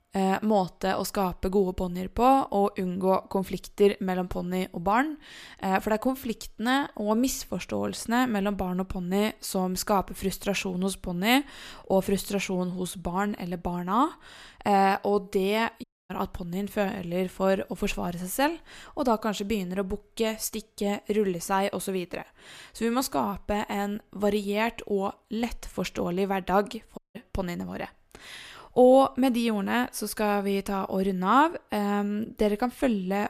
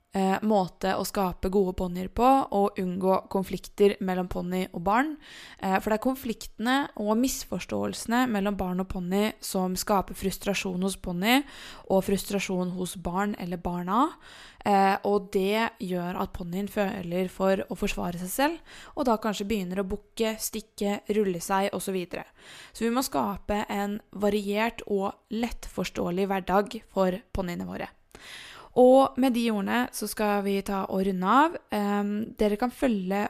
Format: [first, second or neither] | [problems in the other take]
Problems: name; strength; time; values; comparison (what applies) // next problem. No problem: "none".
second | audio cutting out; at 16 s and at 27 s